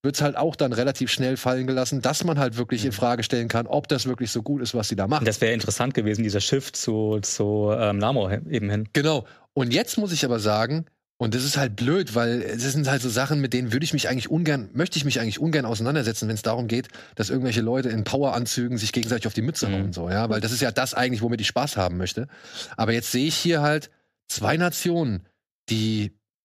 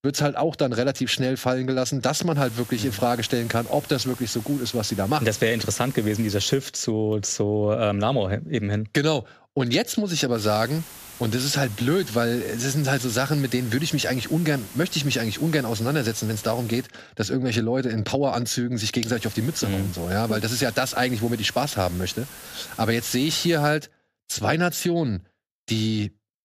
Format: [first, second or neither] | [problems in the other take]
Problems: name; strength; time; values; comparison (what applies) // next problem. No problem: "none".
first | hiss; noticeable; from 2.5 to 6.5 s, from 10 to 17 s and from 19 to 24 s; 15 dB below the speech